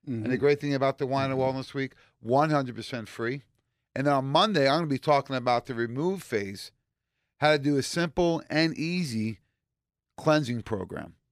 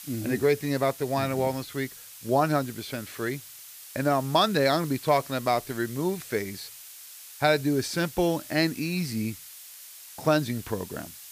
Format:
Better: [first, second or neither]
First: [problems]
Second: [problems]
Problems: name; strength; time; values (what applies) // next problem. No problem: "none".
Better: first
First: none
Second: hiss; noticeable; throughout; 15 dB below the speech